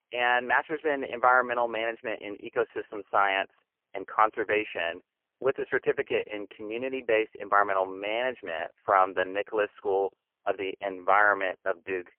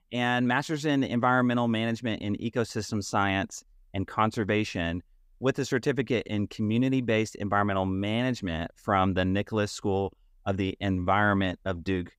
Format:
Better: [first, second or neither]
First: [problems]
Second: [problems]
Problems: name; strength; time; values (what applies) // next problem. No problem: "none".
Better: second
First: phone-call audio; poor line; nothing above 3 kHz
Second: none